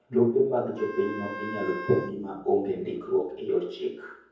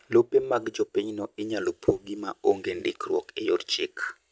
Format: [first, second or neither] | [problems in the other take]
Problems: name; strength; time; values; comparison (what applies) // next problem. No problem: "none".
second | background sound (Wind instrument, woodwind instrument); 11 dB below the speech // room echo; dies away in 0.9 s